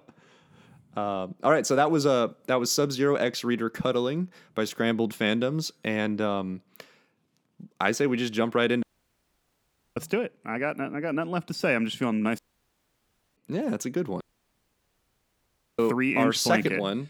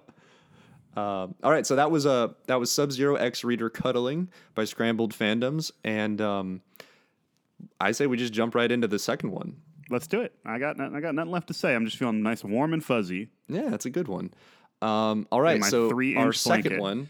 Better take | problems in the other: second | audio cutting out; at 9 s for 1 s, at 12 s for 1 s and at 14 s for 1.5 s

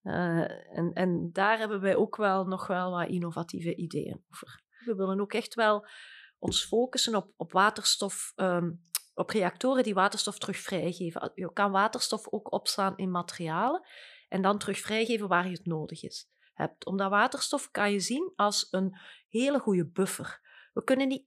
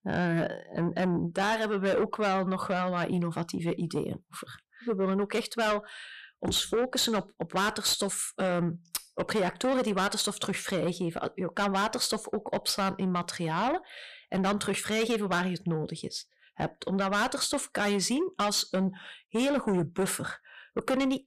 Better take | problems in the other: first | distortion; heavy; 7 dB below the speech

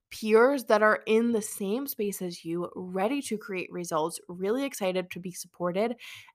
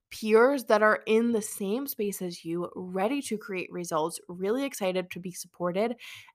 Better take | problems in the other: neither | none

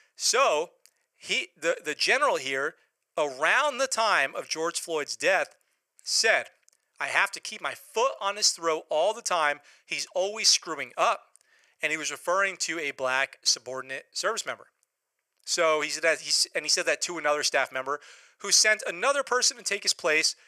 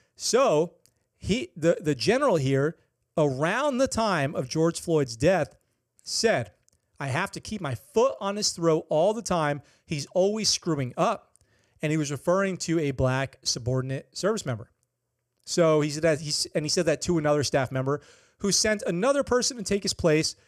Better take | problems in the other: second | thin; very; fading below 750 Hz

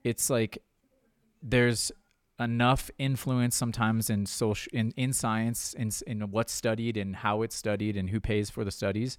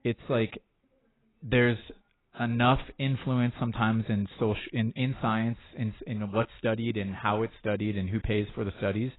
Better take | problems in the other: first | garbled, watery; badly; nothing above 4 kHz

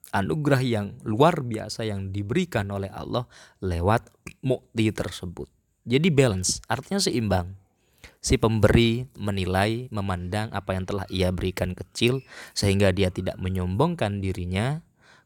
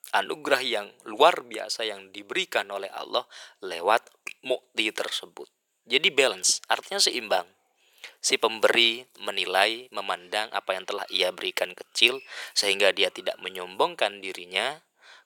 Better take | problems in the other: first | thin; very; fading below 500 Hz

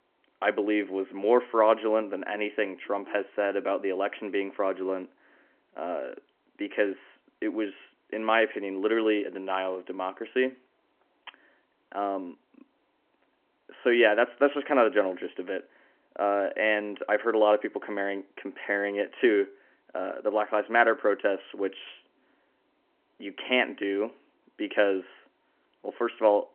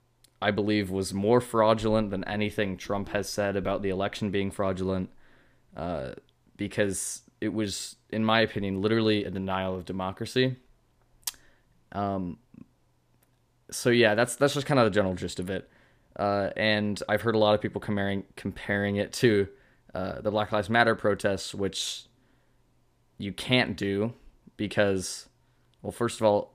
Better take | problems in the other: second | phone-call audio; nothing above 3 kHz

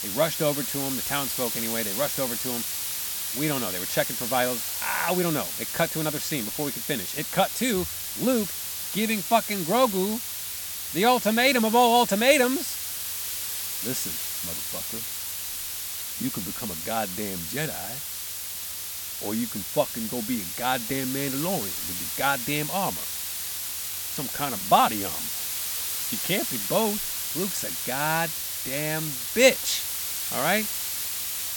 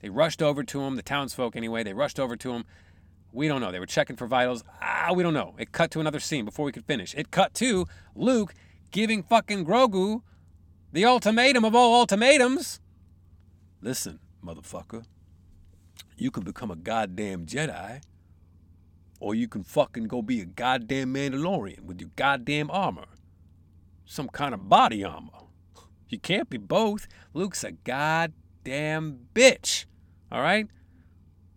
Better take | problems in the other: second | hiss; loud; throughout; 2 dB below the speech

